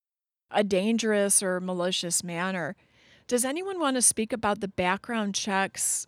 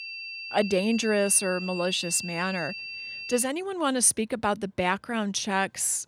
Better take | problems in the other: first | high-pitched whine; loud; until 3.5 s; 2.5 kHz, 9 dB below the speech

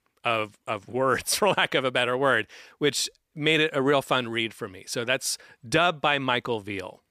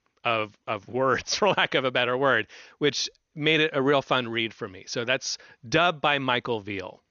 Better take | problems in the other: first | garbled, watery; slightly; nothing above 6 kHz

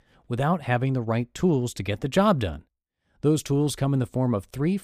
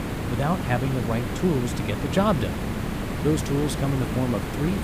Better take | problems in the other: first | hiss; loud; throughout; 3 dB below the speech

